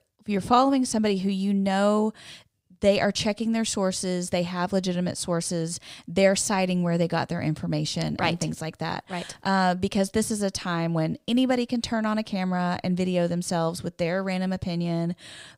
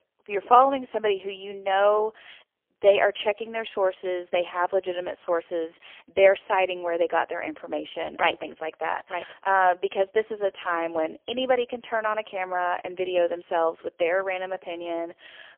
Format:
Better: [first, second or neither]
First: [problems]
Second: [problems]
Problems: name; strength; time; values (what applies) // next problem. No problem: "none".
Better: first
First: none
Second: phone-call audio; poor line; nothing above 3.5 kHz